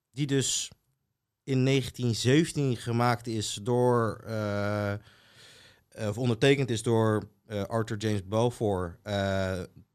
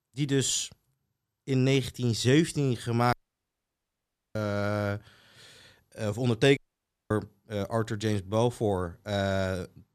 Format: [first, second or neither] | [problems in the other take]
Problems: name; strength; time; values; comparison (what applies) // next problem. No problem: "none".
first | audio cutting out; at 3 s for 1 s and at 6.5 s for 0.5 s